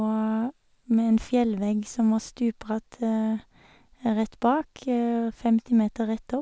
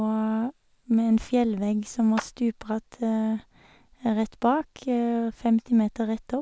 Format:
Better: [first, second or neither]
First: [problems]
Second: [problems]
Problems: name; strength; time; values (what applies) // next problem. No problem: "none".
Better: first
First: none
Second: background sound (Clapping); 16 dB below the speech